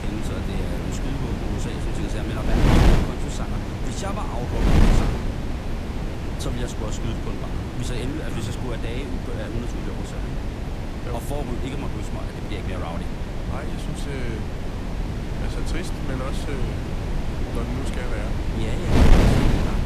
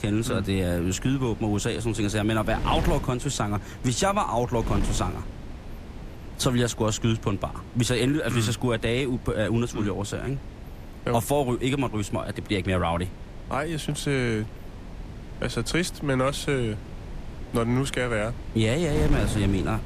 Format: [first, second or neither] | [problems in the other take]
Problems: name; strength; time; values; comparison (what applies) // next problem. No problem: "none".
second | wind noise on the microphone; heavy; 4 dB above the speech; occasional gusts in the second